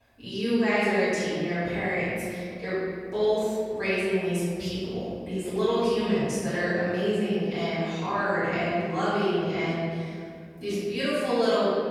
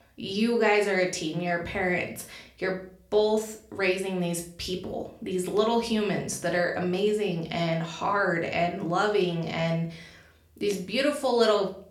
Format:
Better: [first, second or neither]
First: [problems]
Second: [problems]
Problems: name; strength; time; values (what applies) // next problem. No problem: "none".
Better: second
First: room echo; strong; dies away in 2.2 s // off-mic speech; far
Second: room echo; slight; dies away in 0.4 s // off-mic speech; somewhat distant